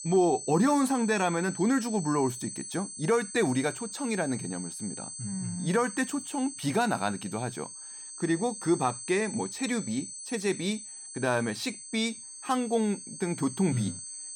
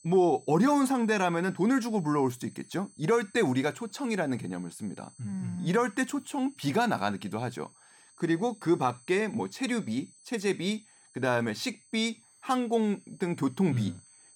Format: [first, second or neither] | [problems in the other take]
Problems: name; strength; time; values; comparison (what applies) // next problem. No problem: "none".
second | high-pitched whine; loud; throughout; 8 kHz, 9 dB below the speech; faint in the second